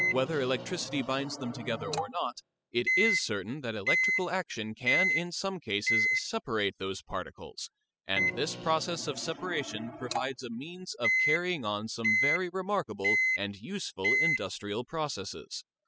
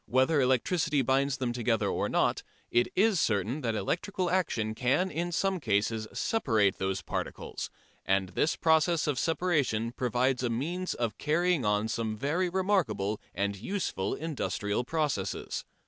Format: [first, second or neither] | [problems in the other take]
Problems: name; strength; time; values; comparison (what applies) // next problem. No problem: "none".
second | noise reduction (classical method spectral subtraction)